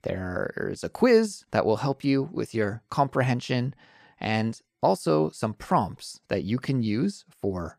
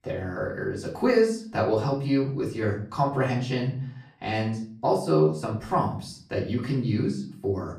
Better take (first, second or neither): first